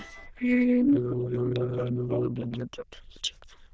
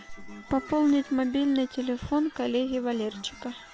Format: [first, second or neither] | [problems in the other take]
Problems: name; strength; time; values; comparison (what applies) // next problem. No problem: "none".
second | noise reduction (neural diffusion model UNIVERSE++)